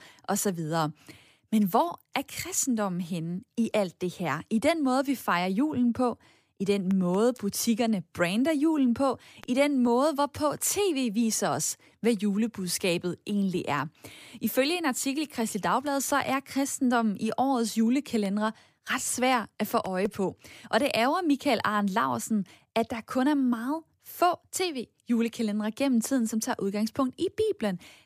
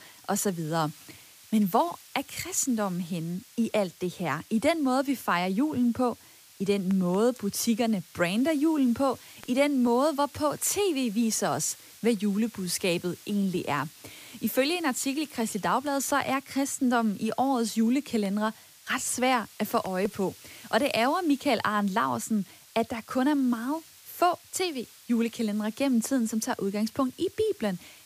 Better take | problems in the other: first | hiss; faint; throughout; 20 dB below the speech

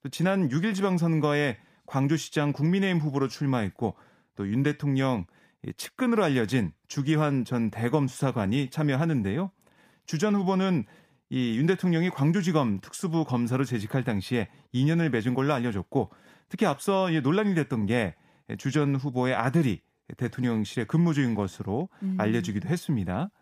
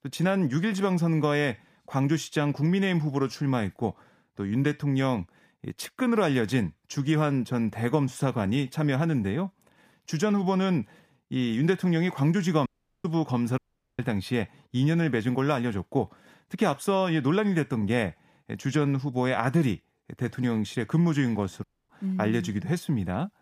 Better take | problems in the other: first | audio cutting out; at 13 s, at 14 s and at 22 s

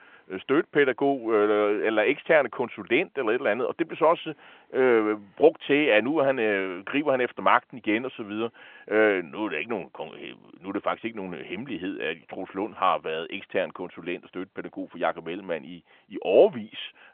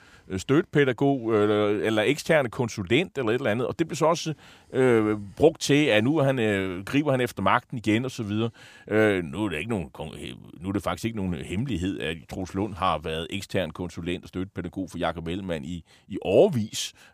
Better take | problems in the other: second | phone-call audio; nothing above 3.5 kHz

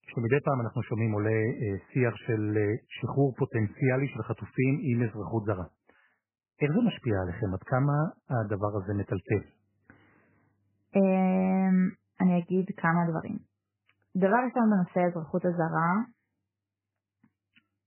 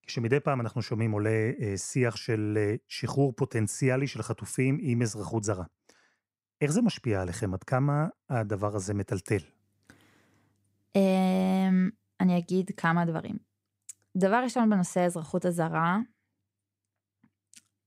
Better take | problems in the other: second | garbled, watery; badly; nothing above 3 kHz

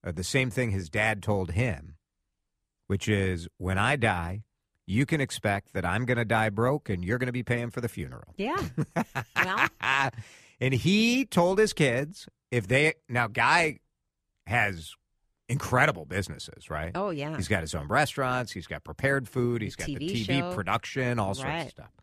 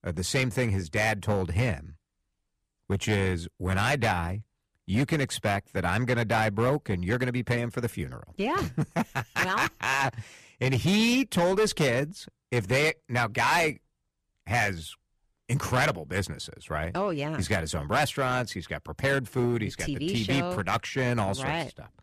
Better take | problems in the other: first | distortion; slight; 6% of the sound clipped

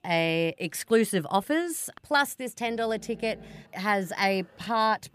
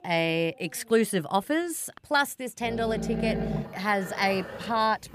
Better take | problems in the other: first | animal sounds; loud; throughout; 7 dB below the speech; faint in the first

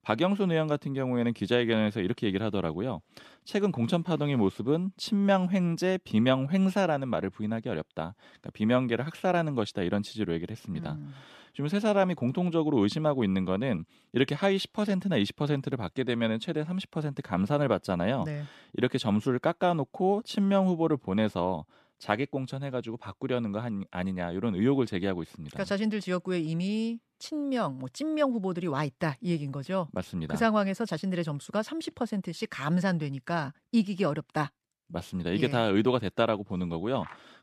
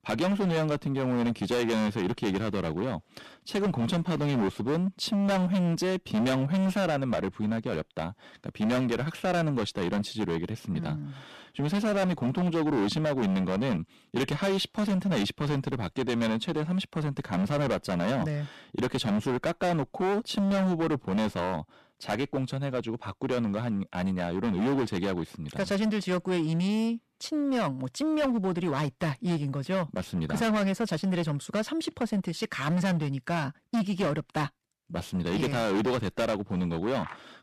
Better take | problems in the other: first | distortion; heavy; 18% of the sound clipped

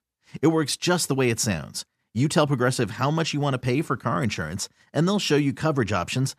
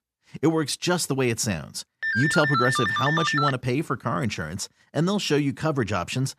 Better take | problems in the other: first | phone ringing; loud; from 2 to 3.5 s; peak 2 dB above the speech

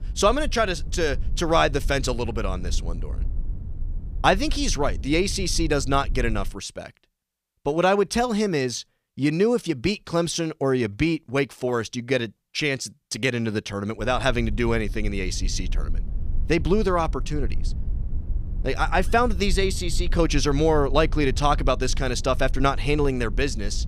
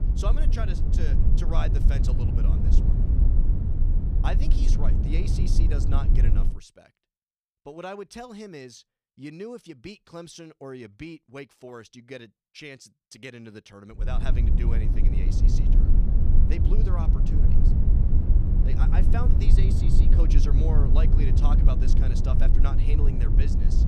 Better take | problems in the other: first | low rumble; loud; until 6.5 s and from 14 s on; as loud as the speech; faint in the first

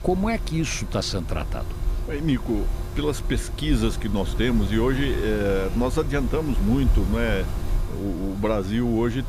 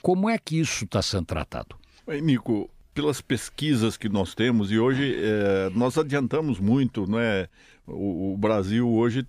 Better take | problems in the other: second | machinery noise; loud; throughout; 5 dB below the speech

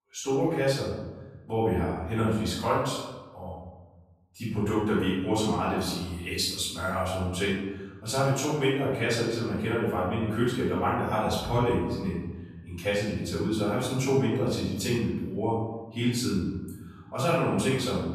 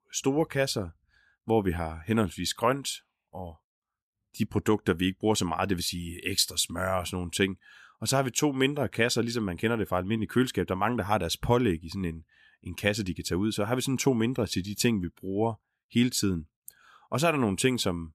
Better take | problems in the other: second | off-mic speech; far // room echo; noticeable; dies away in 1.2 s

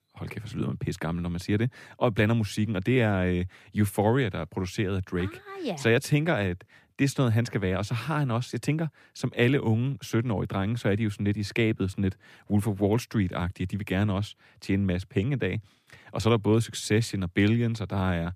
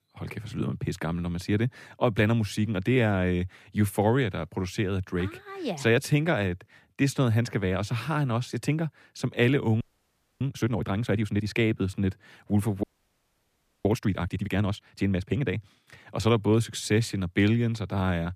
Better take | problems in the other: first | audio freezing; at 10 s for 0.5 s and at 13 s for 1 s

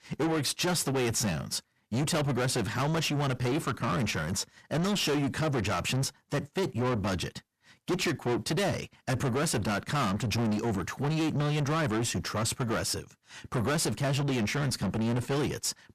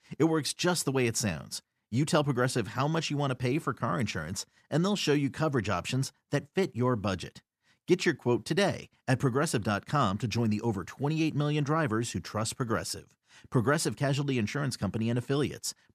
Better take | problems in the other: second | distortion; heavy; 6 dB below the speech

